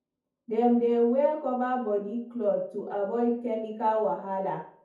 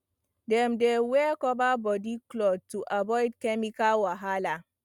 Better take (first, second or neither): second